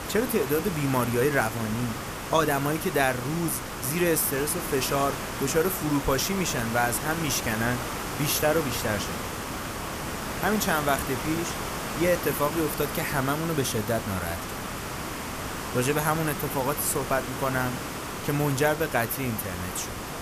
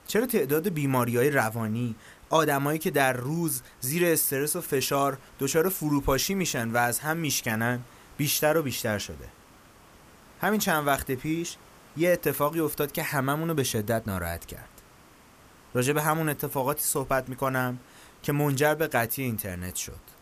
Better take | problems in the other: second | hiss; loud; throughout; 6 dB below the speech; faint in the second

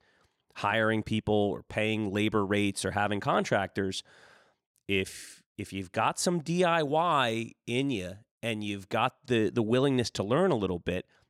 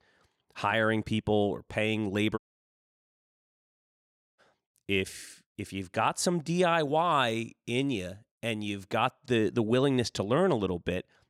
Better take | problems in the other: first | audio cutting out; at 2.5 s for 2 s

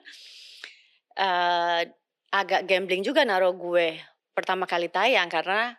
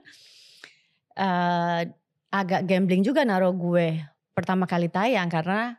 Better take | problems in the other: second | thin; very; fading below 300 Hz

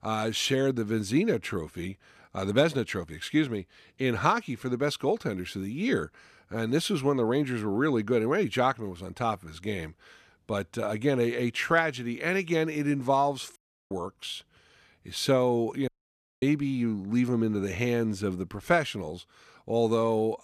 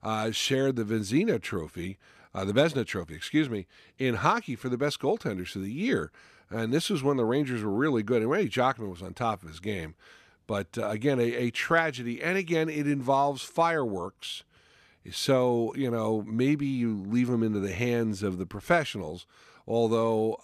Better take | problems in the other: second | audio cutting out; at 14 s and at 16 s for 0.5 s

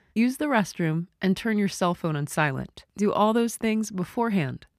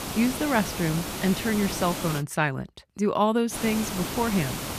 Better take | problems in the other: first | hiss; loud; until 2 s and from 3.5 s on; 6 dB below the speech

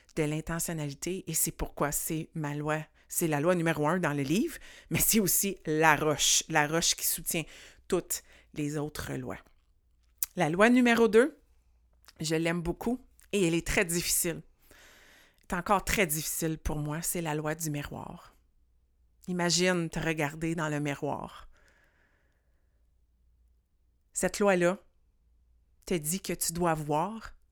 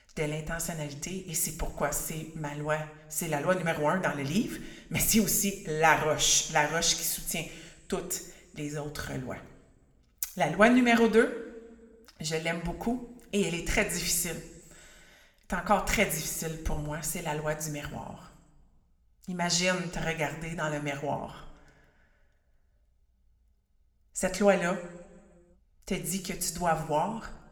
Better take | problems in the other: first | room echo; very slight; dies away in 0.8 s

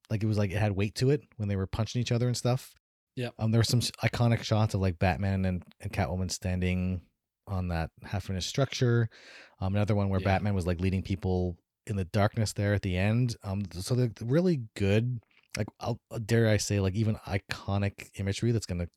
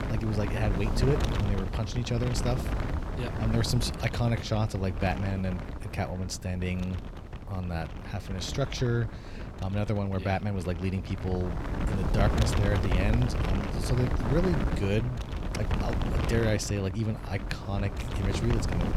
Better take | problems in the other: first | wind noise on the microphone; heavy; 3 dB below the speech

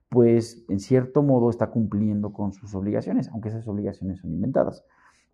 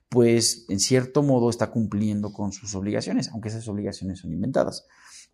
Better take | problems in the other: second | muffled; very; fading above 2 kHz

